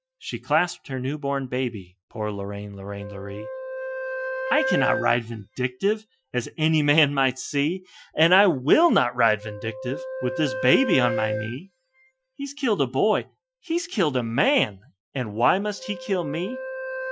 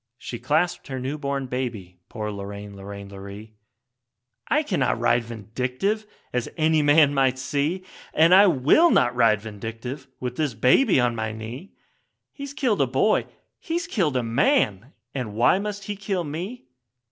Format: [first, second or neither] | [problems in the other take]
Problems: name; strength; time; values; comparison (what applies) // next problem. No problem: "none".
second | noise reduction (classical method Wiener filter)